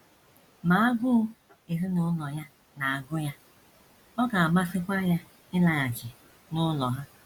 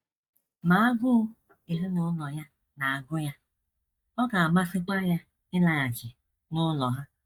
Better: first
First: none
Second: noise reduction (neural mask model DeepFilterNet 3)

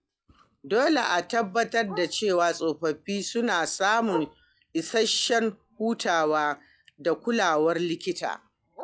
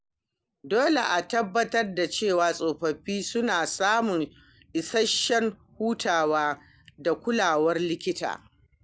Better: second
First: noise reduction (classical method log-MMSE)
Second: none

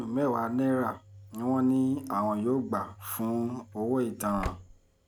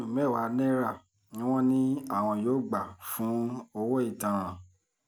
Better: second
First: background sound (Slam / Engine); 17 dB below the speech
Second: none

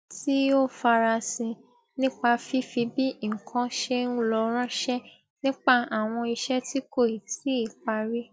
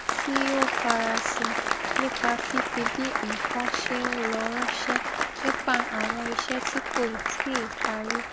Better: first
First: none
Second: background sound (Applause); 3 dB above the speech

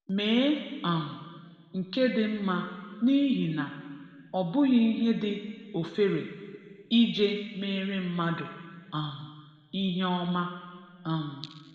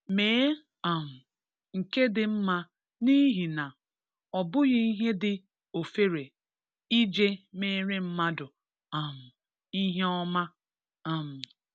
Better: second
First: room echo; dies away in 1.9 s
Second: none

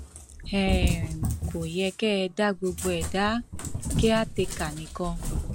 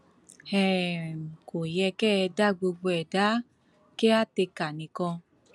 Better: second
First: background sound (Cat); 2 dB below the speech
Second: none

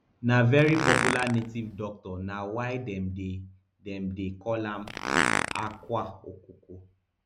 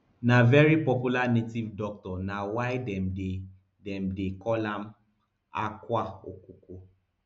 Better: second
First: background sound (Fart); as loud as the speech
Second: none

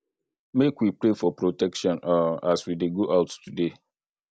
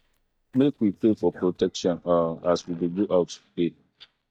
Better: first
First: none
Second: noise reduction (neural mask model DeepFilterNet 3)

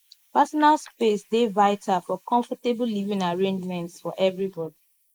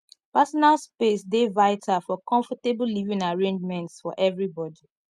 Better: second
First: noise reduction (neural mask model Resemble Enhance denoiser)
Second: none

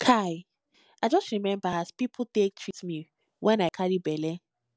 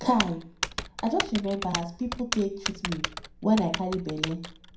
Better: first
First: none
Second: background sound (Typing); 6 dB below the speech // room echo; dies away in 0.5 s

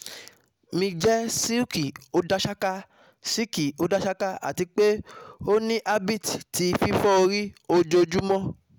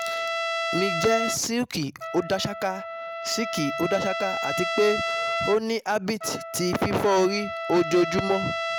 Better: first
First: none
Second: background sound (Trumpet); 4 dB below the speech

